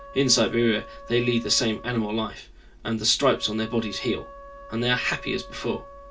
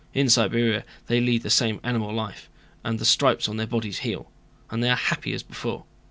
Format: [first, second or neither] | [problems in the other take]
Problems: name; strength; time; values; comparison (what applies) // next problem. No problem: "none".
second | background sound (Wind instrument, woodwind instrument); 18 dB below the speech // room echo; dies away in 0.2 s